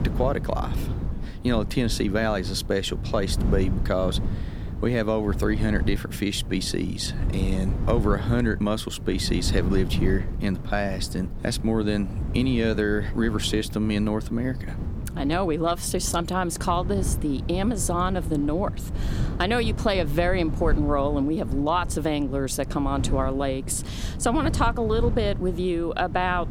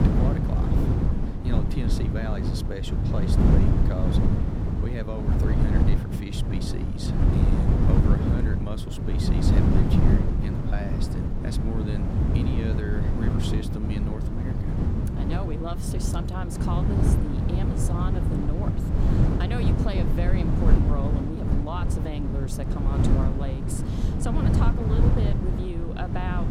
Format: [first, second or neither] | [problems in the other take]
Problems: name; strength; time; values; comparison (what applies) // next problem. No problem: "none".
first | wind noise on the microphone; heavy; 3 dB above the speech; occasional gusts in the first